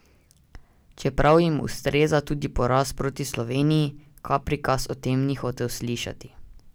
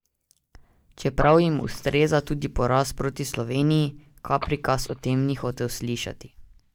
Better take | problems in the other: first | noise reduction (neural mask model DeepFilterNet 3)

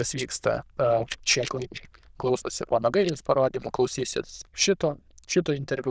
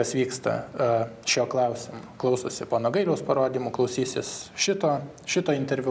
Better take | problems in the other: second | noise reduction (neural diffusion model UNIVERSE++)

